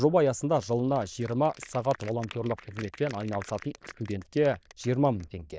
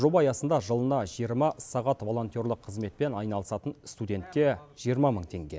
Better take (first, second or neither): second